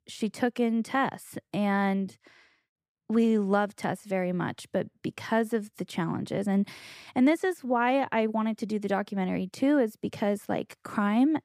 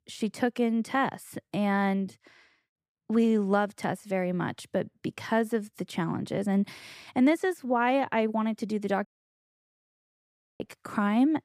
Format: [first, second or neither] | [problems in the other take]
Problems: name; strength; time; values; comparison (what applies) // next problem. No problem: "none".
first | audio cutting out; at 9 s for 1.5 s